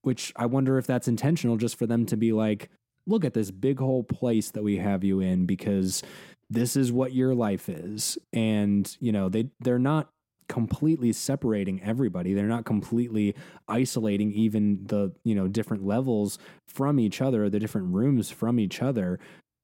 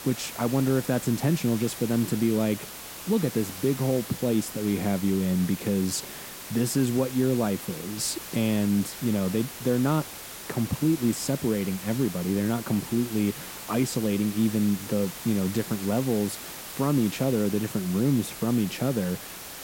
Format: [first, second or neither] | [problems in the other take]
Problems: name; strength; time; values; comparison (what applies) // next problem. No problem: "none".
first | hiss; noticeable; throughout; 10 dB below the speech